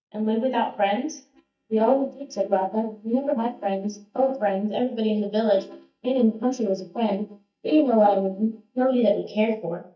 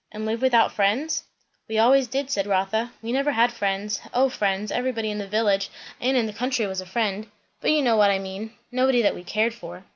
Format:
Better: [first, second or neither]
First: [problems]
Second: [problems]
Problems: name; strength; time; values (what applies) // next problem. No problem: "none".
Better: second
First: noise reduction (neural mask model DeepFilterNet 3)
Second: none